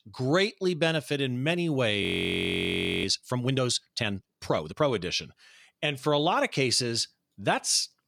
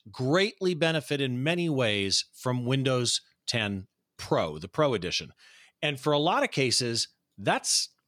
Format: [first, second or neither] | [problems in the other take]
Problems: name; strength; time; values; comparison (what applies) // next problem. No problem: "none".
second | audio freezing; at 2 s for 1 s